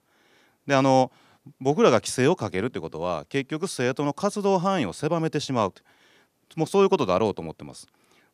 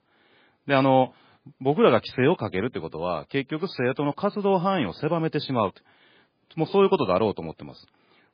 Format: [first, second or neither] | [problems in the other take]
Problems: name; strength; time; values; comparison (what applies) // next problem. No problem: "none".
first | garbled, watery; badly